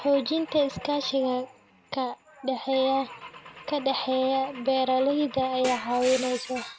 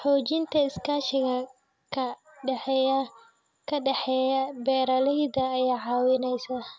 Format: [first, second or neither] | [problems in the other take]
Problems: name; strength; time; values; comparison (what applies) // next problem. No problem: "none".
second | background sound (Glass / Engine / Car); 15 dB below the speech